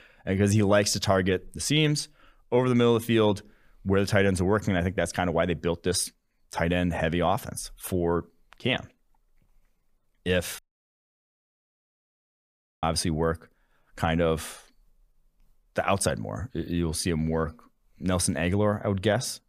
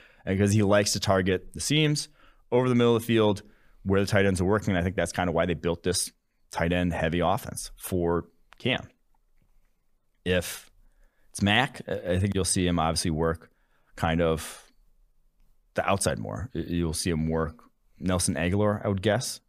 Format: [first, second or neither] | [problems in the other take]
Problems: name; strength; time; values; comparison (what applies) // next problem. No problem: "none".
second | audio cutting out; at 11 s for 2 s